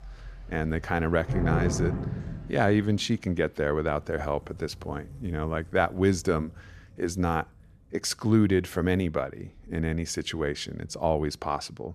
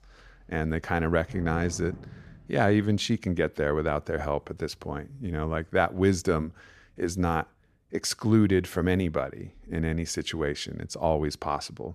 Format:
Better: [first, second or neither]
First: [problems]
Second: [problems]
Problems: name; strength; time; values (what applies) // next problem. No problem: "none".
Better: second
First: rain or running water; loud; throughout; 8 dB below the speech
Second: rain or running water; faint; throughout; 20 dB below the speech